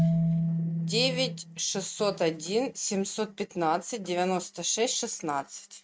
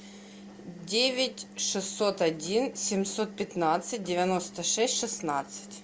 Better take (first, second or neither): second